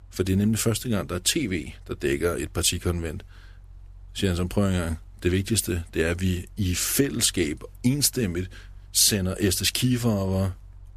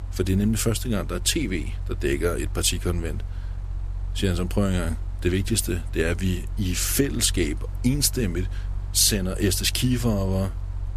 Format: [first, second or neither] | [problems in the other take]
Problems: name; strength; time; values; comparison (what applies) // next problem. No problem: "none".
first | machinery noise; loud; throughout; 9 dB below the speech; faint in the first